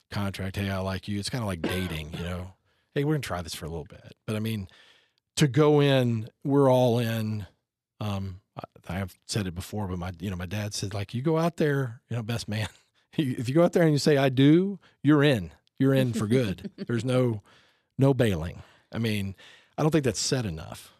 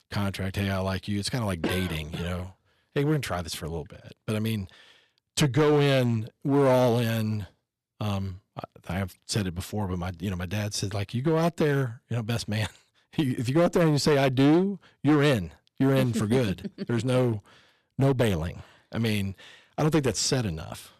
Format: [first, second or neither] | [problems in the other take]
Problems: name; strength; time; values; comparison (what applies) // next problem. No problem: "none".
first | distortion; slight; 4% of the sound clipped